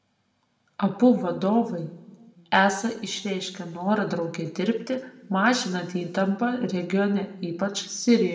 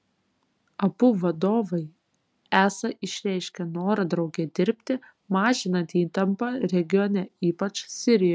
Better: second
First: room echo; dies away in 0.8 s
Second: none

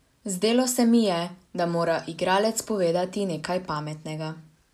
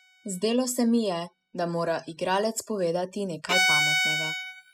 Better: first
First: none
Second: noise reduction (classical method spectral subtraction)

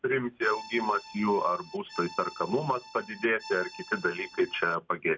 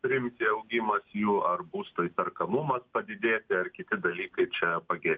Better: second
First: background sound (Accordion); 17 dB below the speech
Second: none

